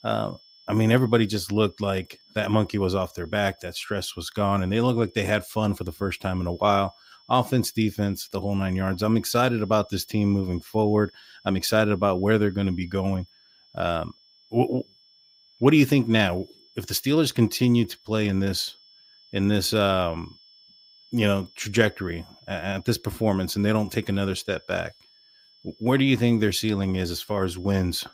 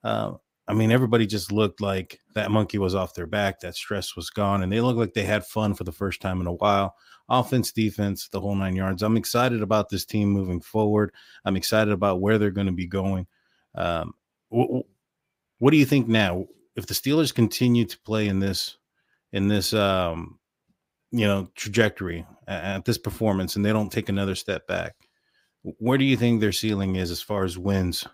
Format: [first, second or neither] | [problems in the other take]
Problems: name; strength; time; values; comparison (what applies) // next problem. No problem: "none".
second | high-pitched whine; faint; throughout; 5.5 kHz, 30 dB below the speech